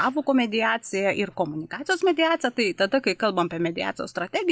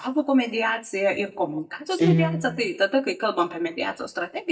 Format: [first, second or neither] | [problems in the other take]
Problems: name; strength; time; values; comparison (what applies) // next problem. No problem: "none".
first | noise reduction (neural mask model DeepFilterNet 3)